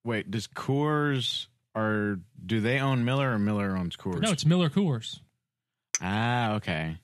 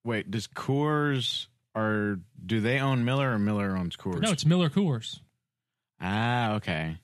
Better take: second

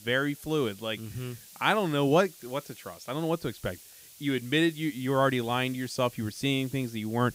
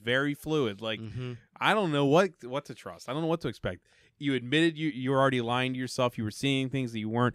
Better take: second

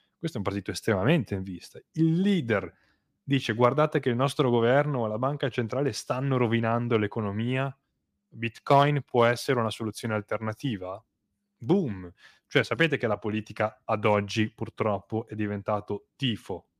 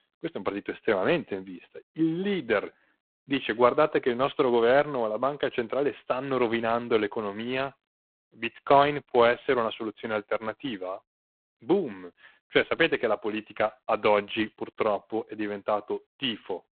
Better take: first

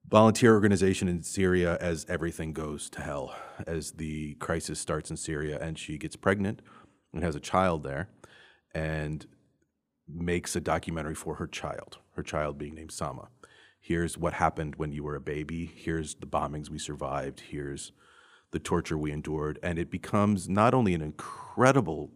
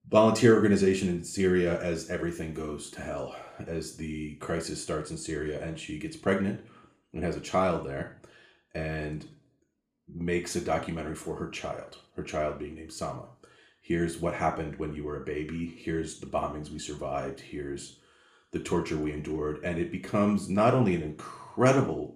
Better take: first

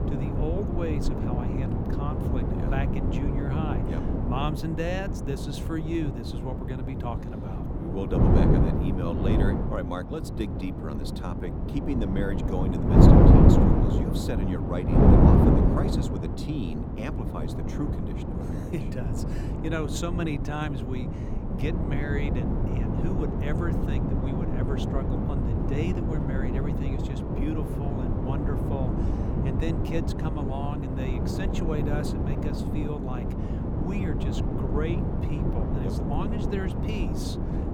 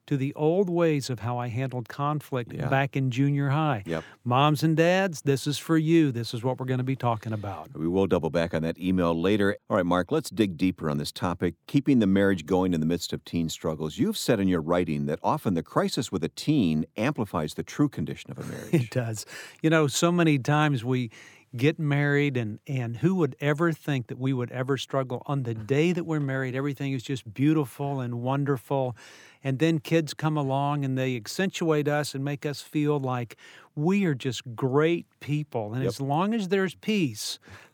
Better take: second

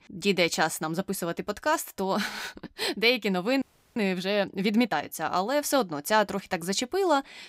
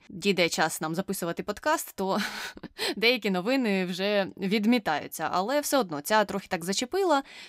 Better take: second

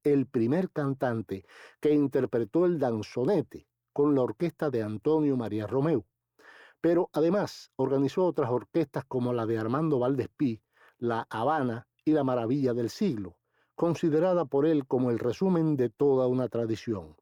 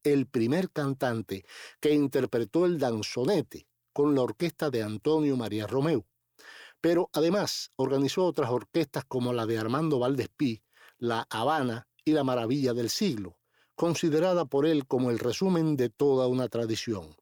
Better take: second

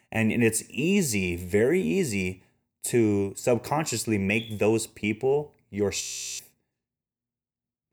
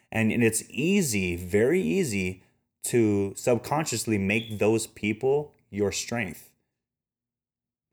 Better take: second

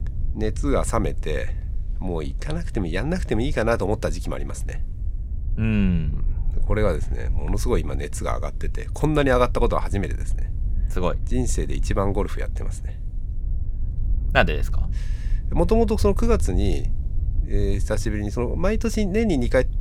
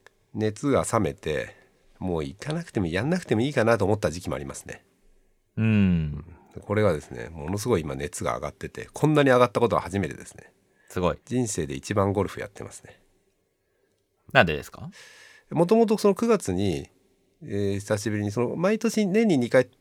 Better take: second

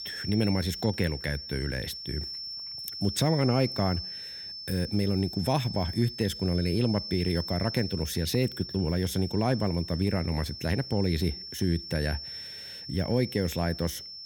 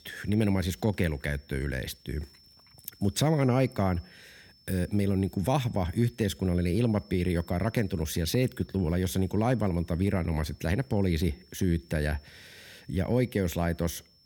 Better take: second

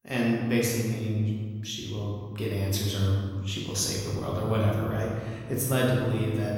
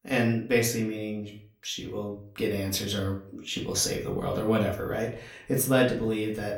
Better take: second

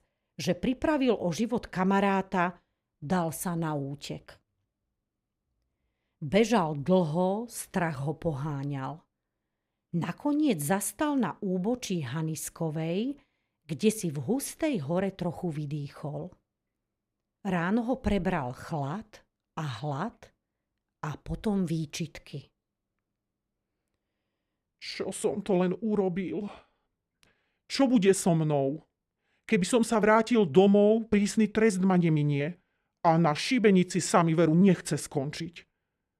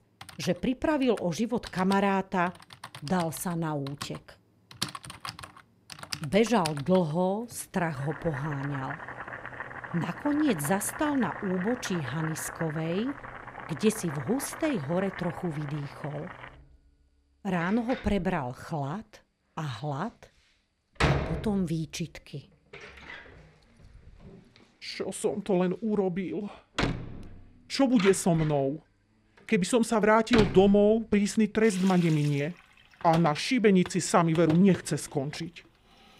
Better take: first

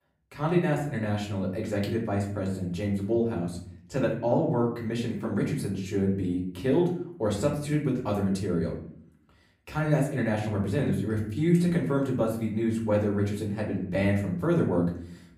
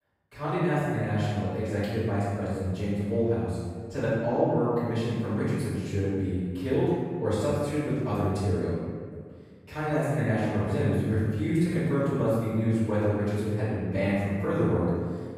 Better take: first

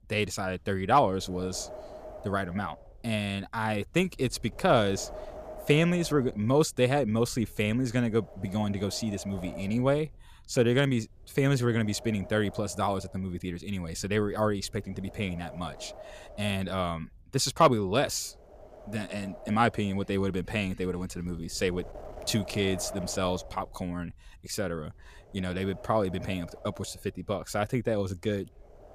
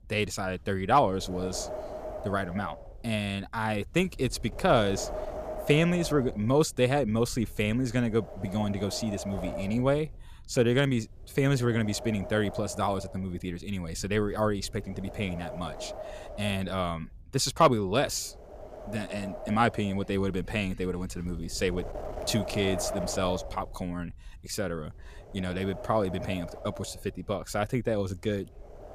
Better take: first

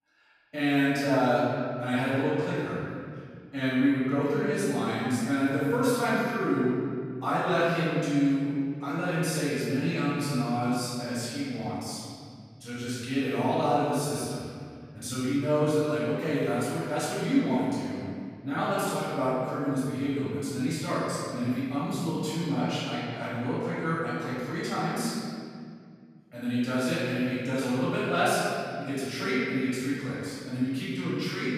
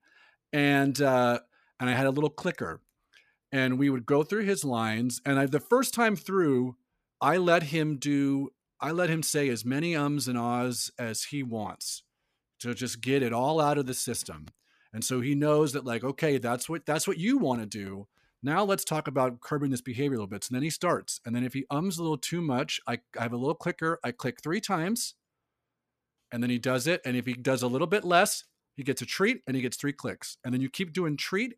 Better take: second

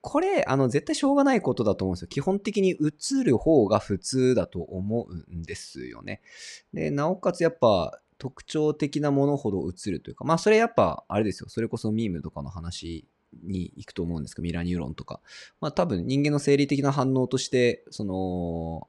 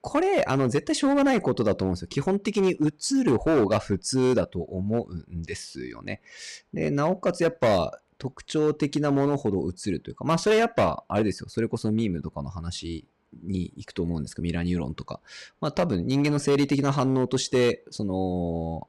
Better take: first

